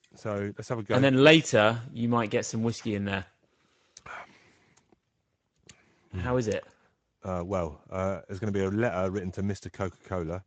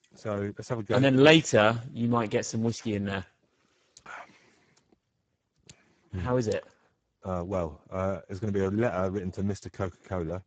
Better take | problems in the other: first | garbled, watery; badly; nothing above 7.5 kHz; slightly in the first

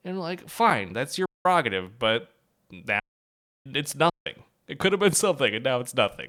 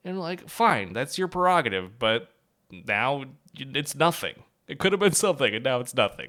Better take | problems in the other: second | audio cutting out; at 1.5 s, at 3 s for 0.5 s and at 4 s

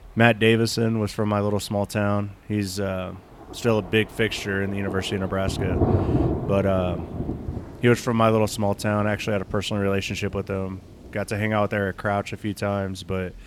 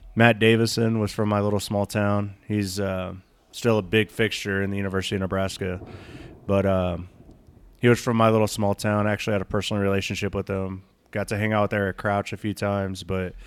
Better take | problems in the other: second | rain or running water; loud; throughout; 6 dB below the speech; faint in the second

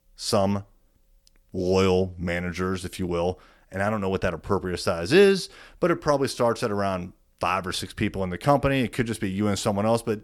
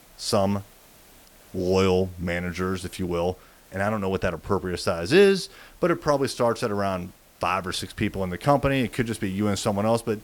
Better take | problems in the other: first | hiss; faint; throughout; 25 dB below the speech

